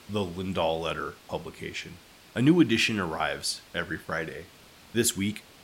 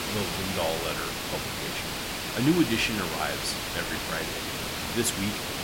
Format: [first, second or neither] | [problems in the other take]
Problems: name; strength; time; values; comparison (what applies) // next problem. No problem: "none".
first | hiss; loud; throughout; as loud as the speech; faint in the first